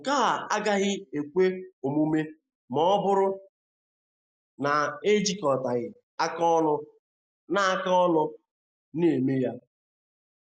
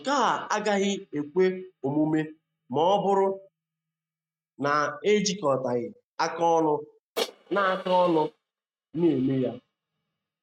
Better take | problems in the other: first | noise reduction (neural mask model RNNoise)

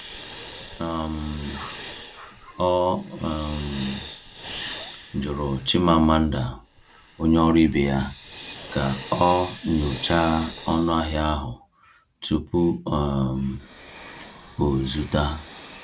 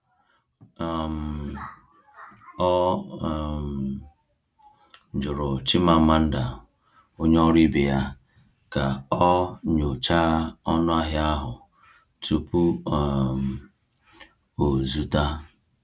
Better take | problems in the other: second | background sound (Hiss); 17 dB below the speech

